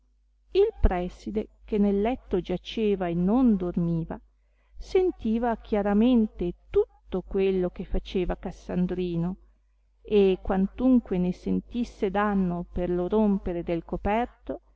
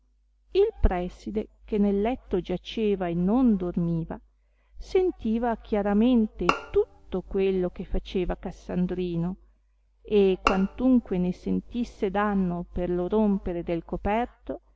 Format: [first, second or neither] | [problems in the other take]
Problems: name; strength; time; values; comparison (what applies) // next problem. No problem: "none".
first | background sound (Bowed string instrument); 8 dB below the speech